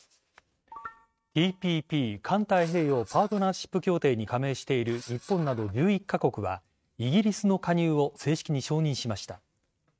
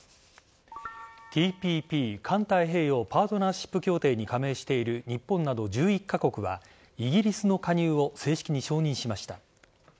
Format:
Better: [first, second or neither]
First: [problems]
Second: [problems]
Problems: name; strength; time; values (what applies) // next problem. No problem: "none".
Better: second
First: noise reduction (neural mask model RNNoise)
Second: none